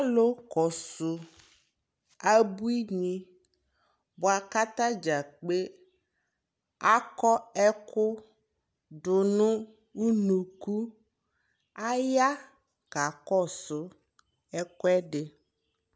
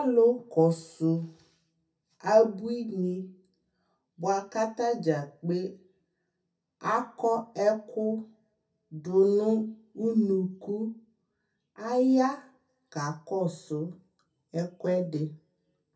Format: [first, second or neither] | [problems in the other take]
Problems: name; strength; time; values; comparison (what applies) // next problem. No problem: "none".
first | room echo; dies away in 0.3 s